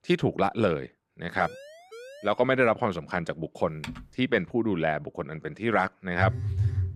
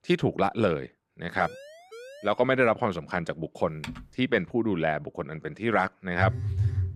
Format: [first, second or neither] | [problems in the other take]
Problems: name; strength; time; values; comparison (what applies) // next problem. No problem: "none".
neither | siren; faint; from 1.5 to 2.5 s; peak 15 dB below the speech; the same in both // keyboard typing; faint; at 4 s; peak 15 dB below the speech; the same in both // phone ringing; noticeable; at 6 s; peak level with the speech; the same in both